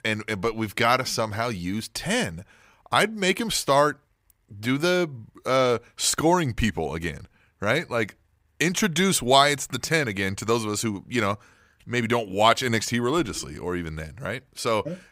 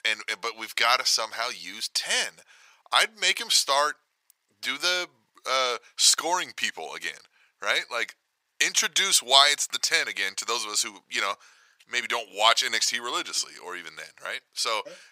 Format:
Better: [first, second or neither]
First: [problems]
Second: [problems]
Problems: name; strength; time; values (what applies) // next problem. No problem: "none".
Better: first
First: none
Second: thin; very; fading below 750 Hz